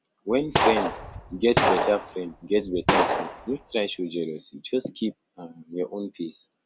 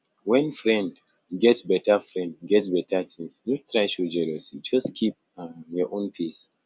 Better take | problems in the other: second | background sound (Gunshot, gunfire); 2 dB above the speech

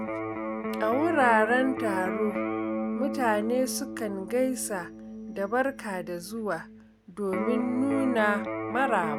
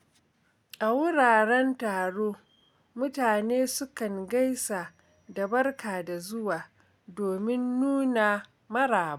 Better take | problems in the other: second | background sound (Electric guitar); 4 dB below the speech

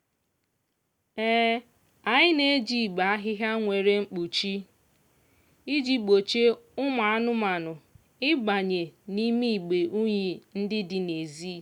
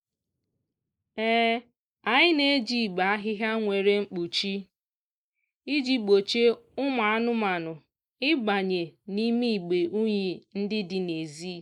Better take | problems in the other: first | noise reduction (neural mask model Resemble Enhance denoiser)

